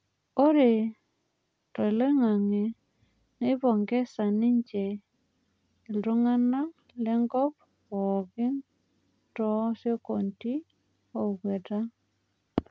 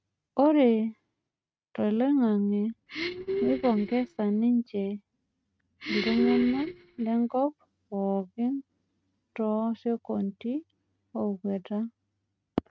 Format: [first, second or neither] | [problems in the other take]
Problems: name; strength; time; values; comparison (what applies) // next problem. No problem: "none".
first | noise reduction (neural mask model RNNoise)